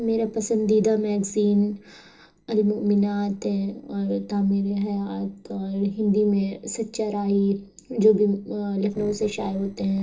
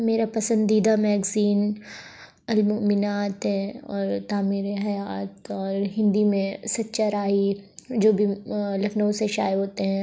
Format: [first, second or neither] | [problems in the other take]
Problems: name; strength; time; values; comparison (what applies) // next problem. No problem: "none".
second | noise reduction (neural separator model SepFormer DNS4)